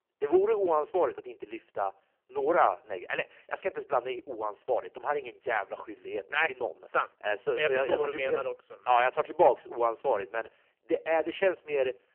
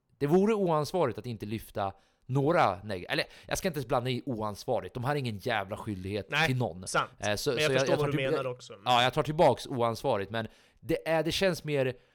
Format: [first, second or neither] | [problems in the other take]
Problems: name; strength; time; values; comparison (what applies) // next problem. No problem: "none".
second | phone-call audio; poor line; nothing above 3 kHz